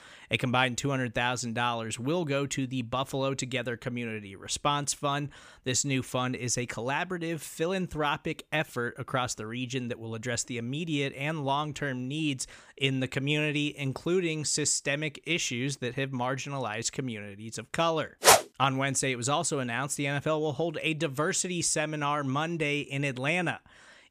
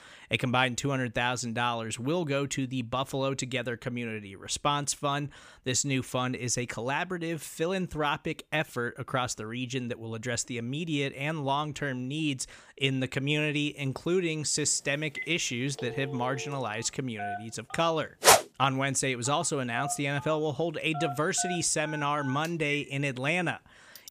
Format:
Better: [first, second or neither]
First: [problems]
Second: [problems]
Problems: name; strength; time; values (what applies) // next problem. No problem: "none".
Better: first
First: none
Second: phone ringing; noticeable; from 15 s on; peak 8 dB below the speech